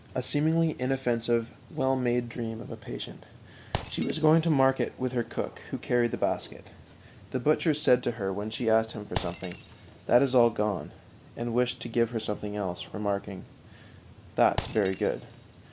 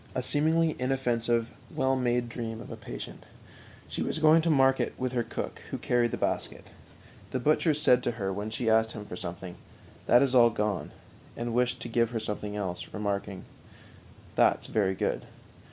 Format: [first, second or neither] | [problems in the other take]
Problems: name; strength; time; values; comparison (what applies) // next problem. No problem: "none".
second | background sound (Squeak + Shatter); 17 dB below the speech